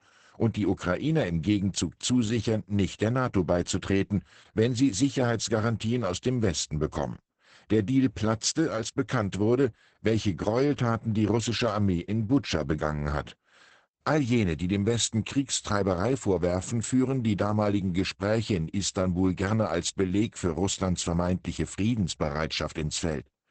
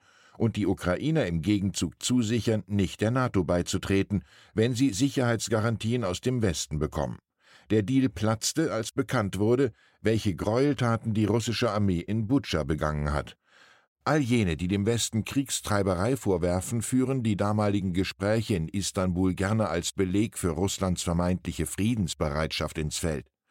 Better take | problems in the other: second | garbled, watery; badly; nothing above 8 kHz

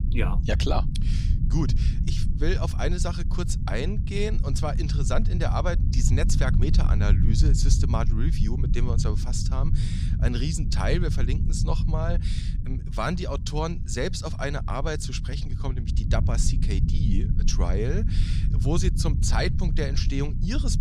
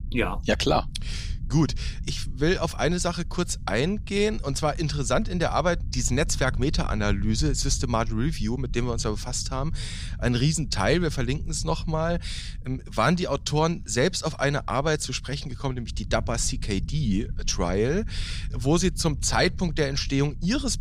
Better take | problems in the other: second | low rumble; loud; throughout; 8 dB below the speech; faint in the second

